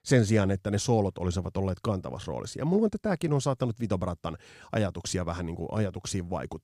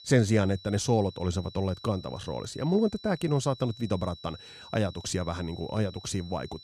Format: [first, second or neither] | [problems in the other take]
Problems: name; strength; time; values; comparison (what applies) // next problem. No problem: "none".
first | high-pitched whine; noticeable; throughout; 4 kHz, 20 dB below the speech